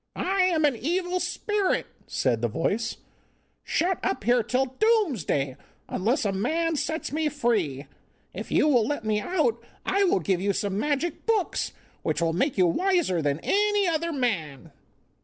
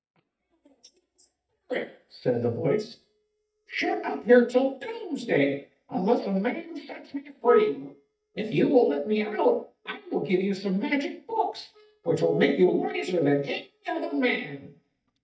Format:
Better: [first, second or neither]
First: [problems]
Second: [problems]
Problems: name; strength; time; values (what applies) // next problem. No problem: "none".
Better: first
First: none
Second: noise reduction (neural mask model DeepFilterNet 3)